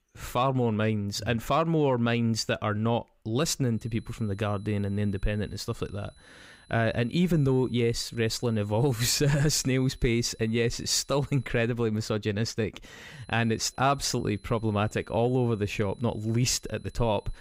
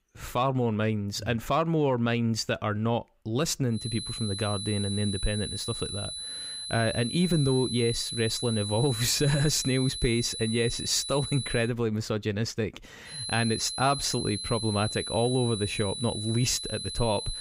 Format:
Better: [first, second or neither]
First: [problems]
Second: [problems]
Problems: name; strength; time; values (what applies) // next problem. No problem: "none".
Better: first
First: high-pitched whine; faint; from 4 to 12 s and from 13 s on; 4 kHz, 30 dB below the speech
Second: high-pitched whine; loud; from 4 to 12 s and from 13 s on; 4 kHz, 6 dB below the speech